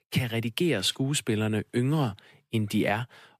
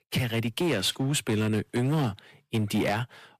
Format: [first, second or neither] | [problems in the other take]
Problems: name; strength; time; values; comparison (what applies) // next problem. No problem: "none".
first | distortion; slight; 12% of the sound clipped